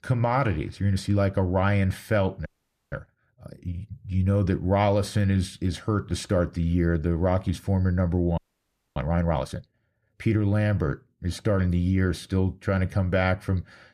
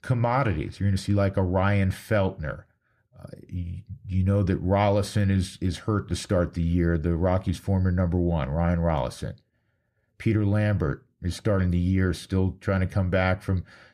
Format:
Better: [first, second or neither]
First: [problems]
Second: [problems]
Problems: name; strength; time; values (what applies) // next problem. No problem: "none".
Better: second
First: audio freezing; at 2.5 s and at 8.5 s for 0.5 s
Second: none